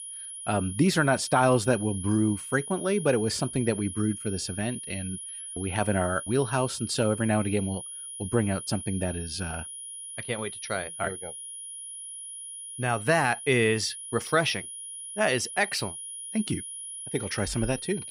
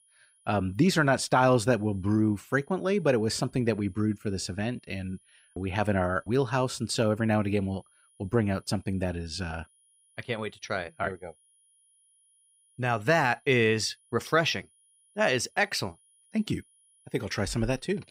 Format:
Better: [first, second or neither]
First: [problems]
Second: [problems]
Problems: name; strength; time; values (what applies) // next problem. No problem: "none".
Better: second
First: high-pitched whine; loud; throughout; 10.5 kHz, 9 dB below the speech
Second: high-pitched whine; faint; throughout; 10.5 kHz, 35 dB below the speech